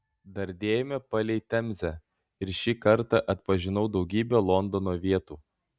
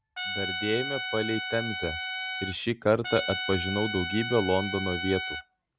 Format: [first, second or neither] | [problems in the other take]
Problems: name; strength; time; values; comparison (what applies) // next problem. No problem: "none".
first | background sound (Trumpet); 5 dB below the speech